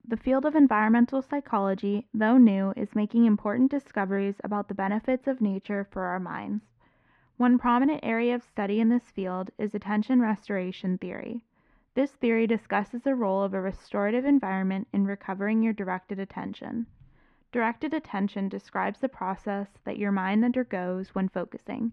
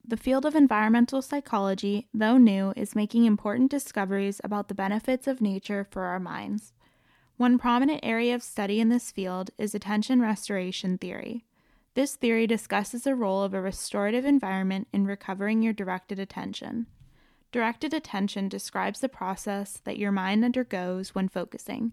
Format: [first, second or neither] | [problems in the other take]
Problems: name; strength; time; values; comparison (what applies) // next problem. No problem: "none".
second | muffled; very; fading above 2 kHz